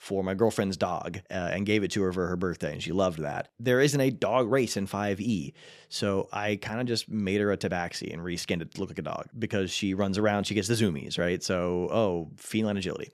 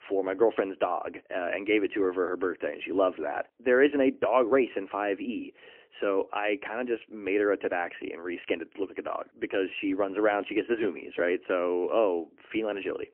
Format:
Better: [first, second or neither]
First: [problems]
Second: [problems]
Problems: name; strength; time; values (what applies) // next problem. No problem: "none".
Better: first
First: none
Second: phone-call audio; poor line; nothing above 3 kHz